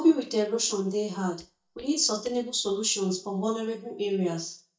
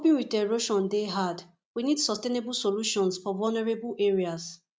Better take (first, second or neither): second